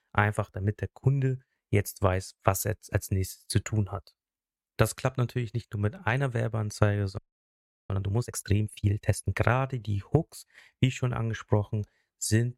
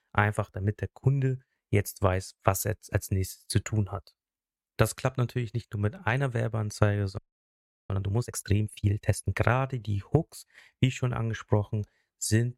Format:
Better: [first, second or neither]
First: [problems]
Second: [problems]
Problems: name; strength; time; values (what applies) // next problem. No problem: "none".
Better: neither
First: audio freezing; at 7 s for 0.5 s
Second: audio freezing; at 7 s for 0.5 s